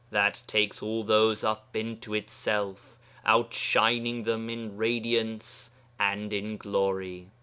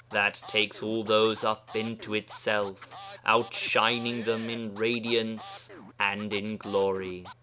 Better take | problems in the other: first | background sound (Scratching (performance technique)); 18 dB below the speech

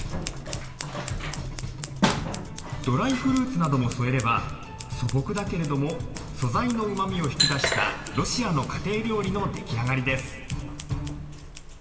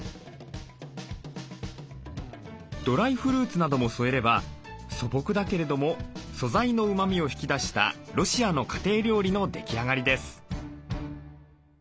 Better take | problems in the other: second | background sound (Scissors); 6 dB below the speech // room echo; dies away in 2.3 s

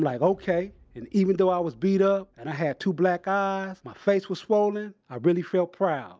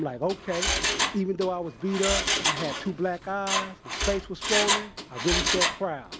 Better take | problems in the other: first | background sound (Mechanisms); 1 dB above the speech

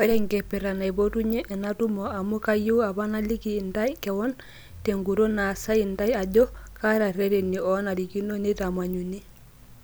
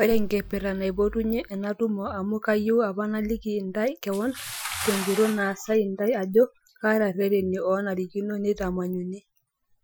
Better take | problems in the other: first | noise reduction (classical method Wiener filter)

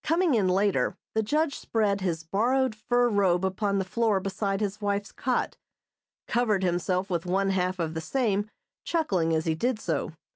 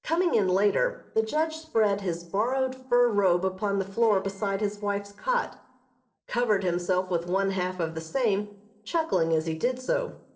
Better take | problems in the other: first | noise reduction (neural separator model SepFormer DNS4)

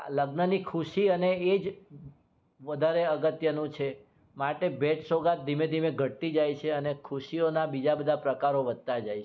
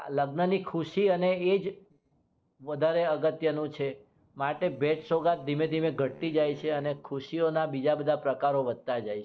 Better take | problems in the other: first | noise reduction (neural separator model SepFormer DNS4)

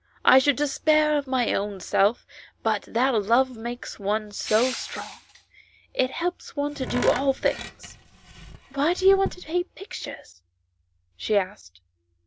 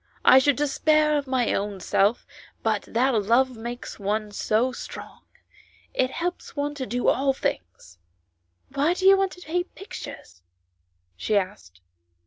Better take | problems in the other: second | background sound (Crushing + Tools); 11 dB below the speech

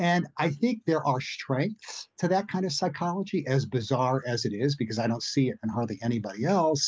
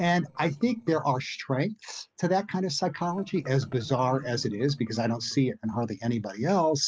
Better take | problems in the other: first | noise reduction (neural separator model SepFormer DNS4)

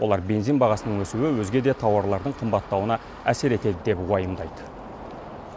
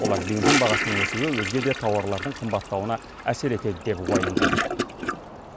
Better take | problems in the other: first | background sound (Toilet flush / Gurgling); 1 dB below the speech

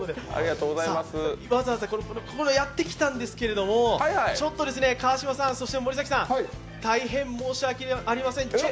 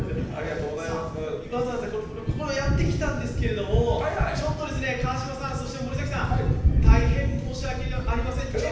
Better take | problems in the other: first | background sound (Thunder); 4 dB above the speech // room echo; dies away in 0.9 s

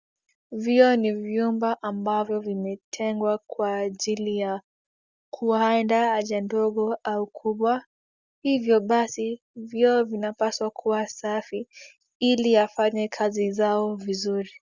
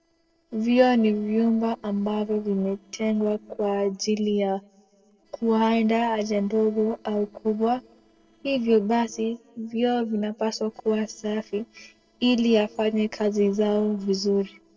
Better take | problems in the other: first | noise reduction (neural separator model SepFormer DNS4)

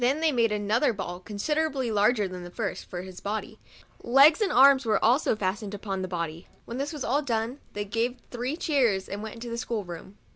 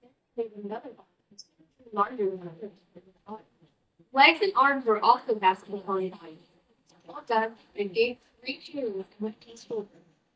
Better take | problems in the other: first | noise reduction (neural mask model DeepFilterNet 3)

